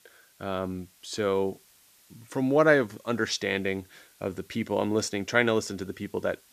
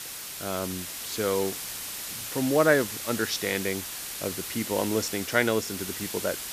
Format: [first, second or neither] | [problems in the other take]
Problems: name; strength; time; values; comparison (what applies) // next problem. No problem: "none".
first | hiss; loud; throughout; 5 dB below the speech; faint in the first